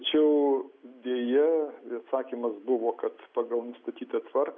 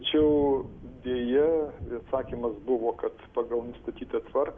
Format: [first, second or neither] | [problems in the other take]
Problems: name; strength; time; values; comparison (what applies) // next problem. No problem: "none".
first | background sound (Thunder / Rain); 17 dB below the speech